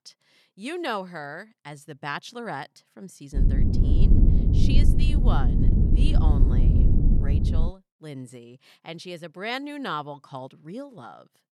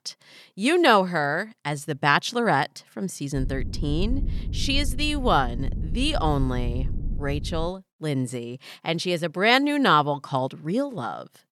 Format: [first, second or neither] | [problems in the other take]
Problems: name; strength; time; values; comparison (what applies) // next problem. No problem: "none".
second | low rumble; loud; from 3.5 to 7.5 s; 1 dB below the speech; faint in the second